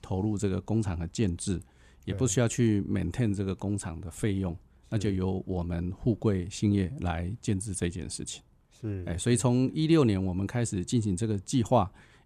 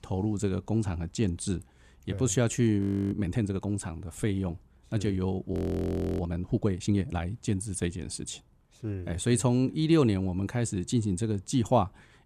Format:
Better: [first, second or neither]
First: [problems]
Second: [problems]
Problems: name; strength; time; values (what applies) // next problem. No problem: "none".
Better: first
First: none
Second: audio freezing; at 3 s and at 5.5 s for 0.5 s